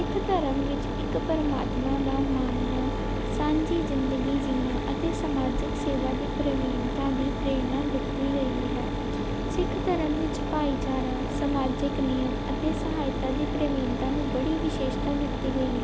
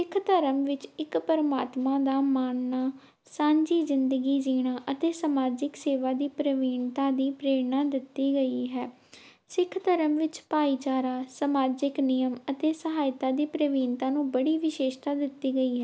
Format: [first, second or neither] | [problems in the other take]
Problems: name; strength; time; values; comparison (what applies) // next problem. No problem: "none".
second | background sound (Mechanisms); 1 dB above the speech